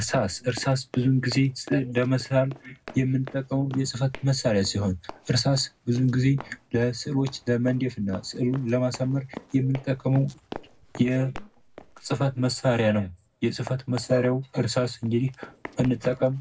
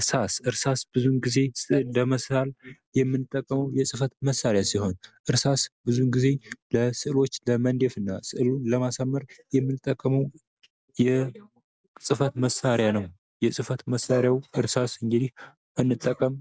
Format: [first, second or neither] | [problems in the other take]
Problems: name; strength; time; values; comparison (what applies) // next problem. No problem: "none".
second | background sound (Run); 20 dB below the speech // room echo; dies away in 0.3 s